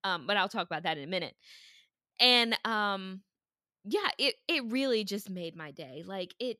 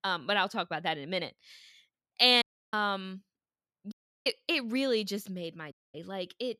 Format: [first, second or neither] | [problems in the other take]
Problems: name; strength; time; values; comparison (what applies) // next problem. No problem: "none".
first | audio cutting out; at 2.5 s, at 4 s and at 5.5 s